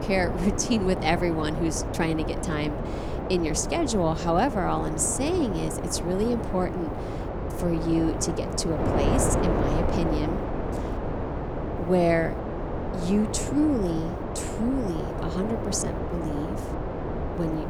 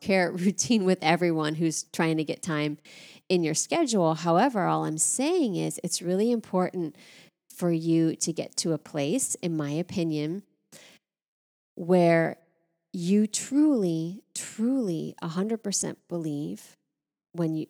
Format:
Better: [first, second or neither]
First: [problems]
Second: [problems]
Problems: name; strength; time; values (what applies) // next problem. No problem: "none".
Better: second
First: wind noise on the microphone; heavy; 4 dB below the speech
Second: none